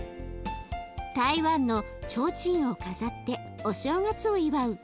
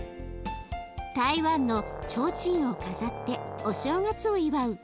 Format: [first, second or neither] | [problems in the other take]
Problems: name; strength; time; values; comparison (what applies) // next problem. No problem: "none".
first | background sound (Brass instrument); 11 dB below the speech